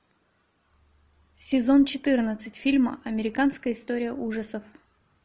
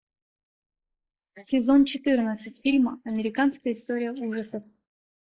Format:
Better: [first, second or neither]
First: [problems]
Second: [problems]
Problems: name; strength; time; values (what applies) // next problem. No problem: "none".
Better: first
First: none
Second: noise reduction (neural mask model Resemble Enhance denoiser)